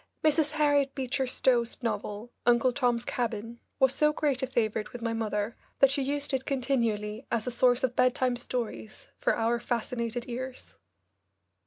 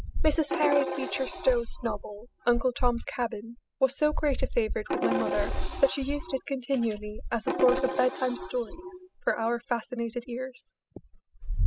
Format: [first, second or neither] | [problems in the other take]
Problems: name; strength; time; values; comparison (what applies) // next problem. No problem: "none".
first | noise reduction (classical method spectral subtraction)